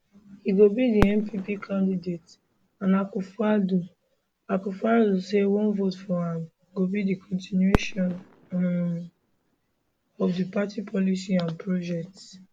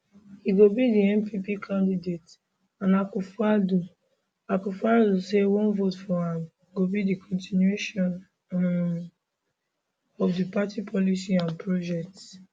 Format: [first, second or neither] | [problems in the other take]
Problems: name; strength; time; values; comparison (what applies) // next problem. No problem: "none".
second | background sound (Fireworks); 11 dB below the speech